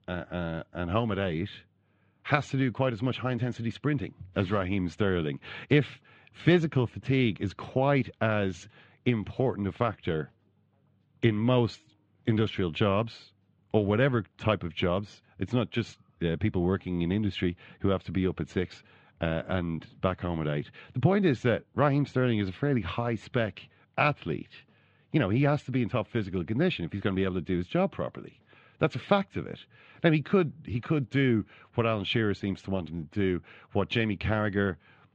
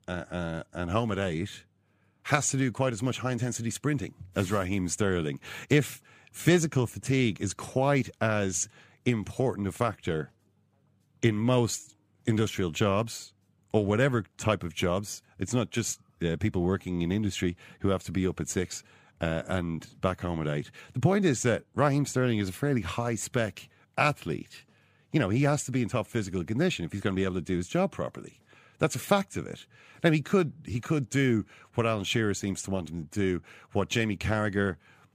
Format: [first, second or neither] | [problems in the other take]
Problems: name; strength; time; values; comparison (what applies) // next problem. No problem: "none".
second | muffled; very; fading above 3.5 kHz